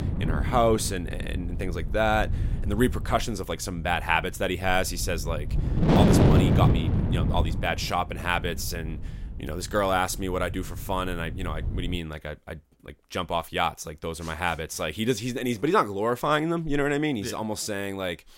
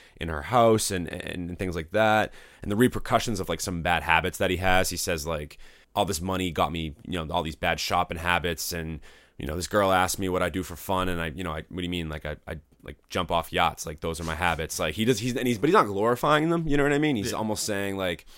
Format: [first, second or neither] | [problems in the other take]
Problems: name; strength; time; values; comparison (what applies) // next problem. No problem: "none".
second | wind noise on the microphone; heavy; until 12 s; 3 dB below the speech